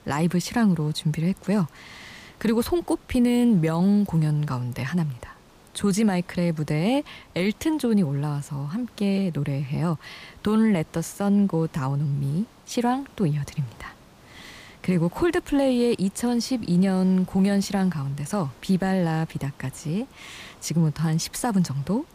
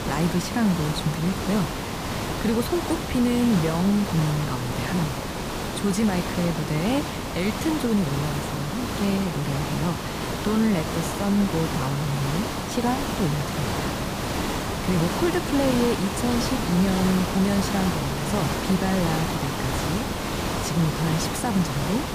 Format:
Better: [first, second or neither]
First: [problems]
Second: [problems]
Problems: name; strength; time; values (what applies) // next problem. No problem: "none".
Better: first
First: hiss; faint; throughout; 25 dB below the speech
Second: hiss; loud; throughout; 2 dB below the speech